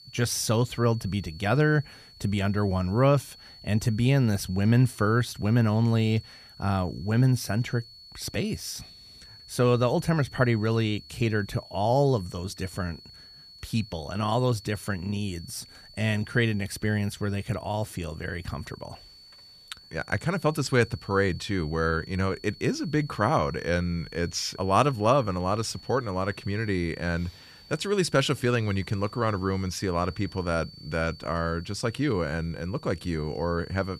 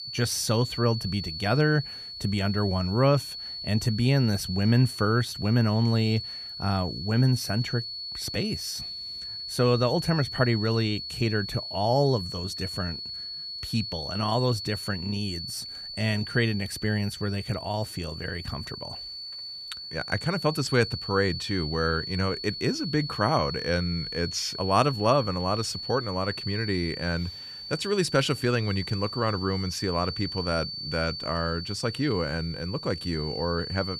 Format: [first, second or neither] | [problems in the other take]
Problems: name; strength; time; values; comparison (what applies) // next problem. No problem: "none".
first | high-pitched whine; loud; throughout; 4.5 kHz, 7 dB below the speech; faint in the first